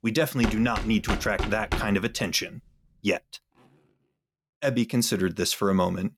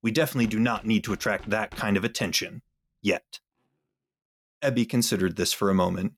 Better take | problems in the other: second | household noises; loud; until 3.5 s; 7 dB below the speech; faint in the second

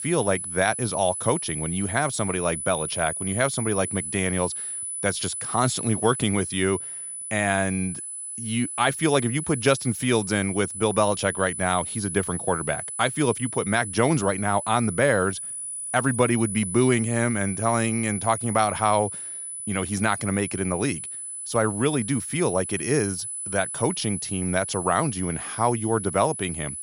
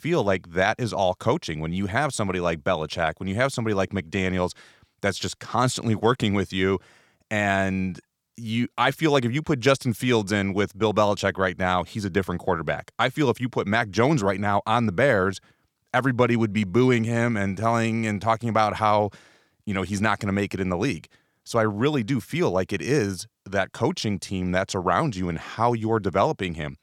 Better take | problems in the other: second | high-pitched whine; loud; throughout; 10 kHz, 6 dB below the speech

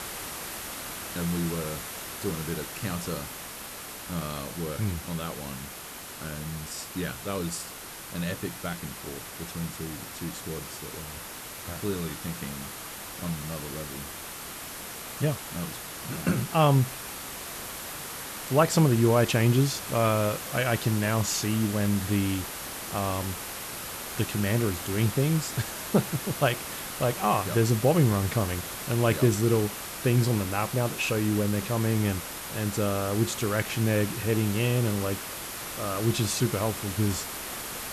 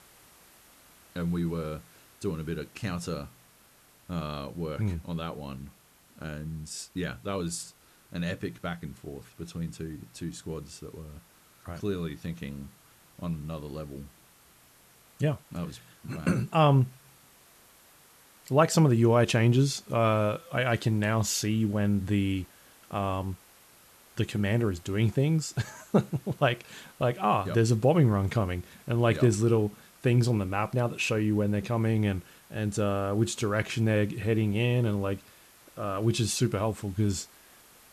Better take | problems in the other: second | hiss; loud; throughout; 8 dB below the speech; faint in the second

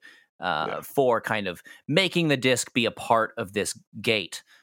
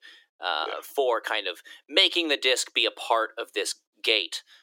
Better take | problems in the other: first | thin; very; fading below 300 Hz

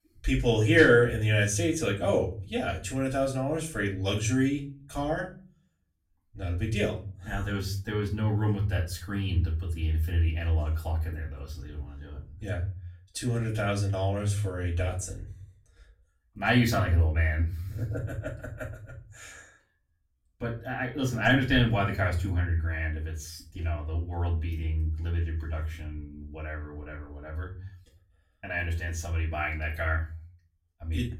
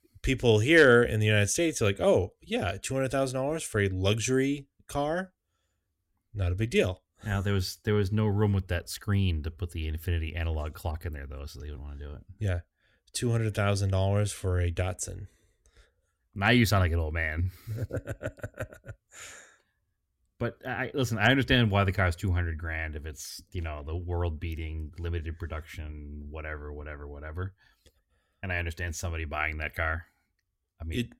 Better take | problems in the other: second | off-mic speech; far // room echo; slight; dies away in 0.5 s

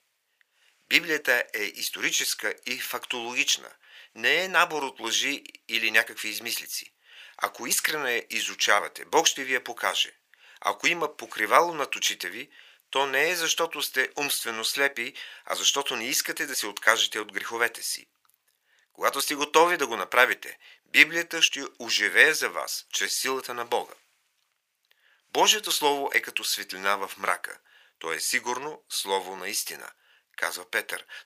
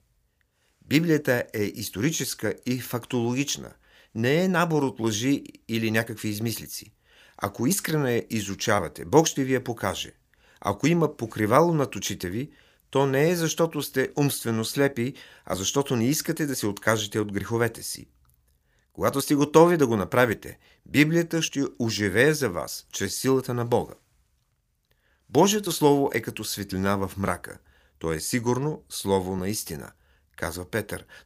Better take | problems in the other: second | thin; very; fading below 650 Hz

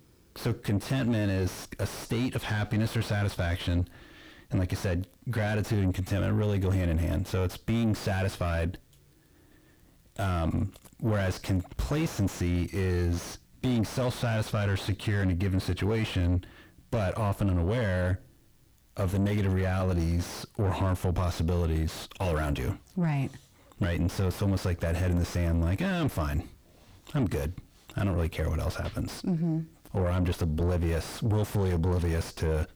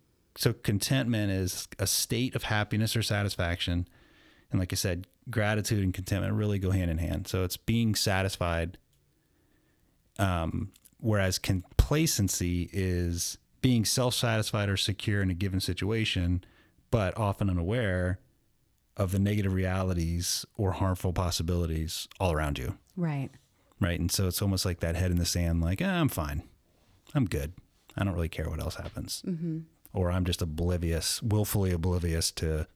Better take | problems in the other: second | distortion; heavy; 5 dB below the speech

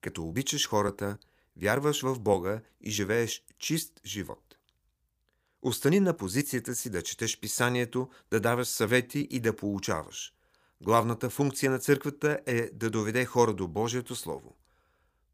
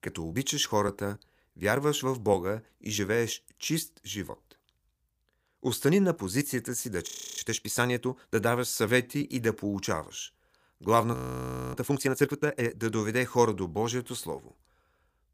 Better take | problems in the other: first | audio freezing; at 7 s and at 11 s for 0.5 s

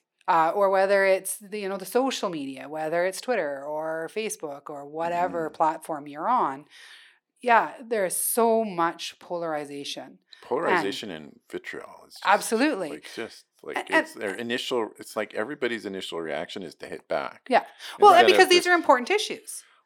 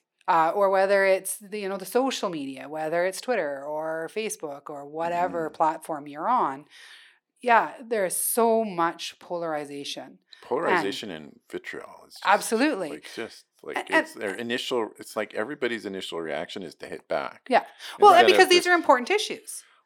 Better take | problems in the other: neither | thin; somewhat; fading below 350 Hz; the same in both

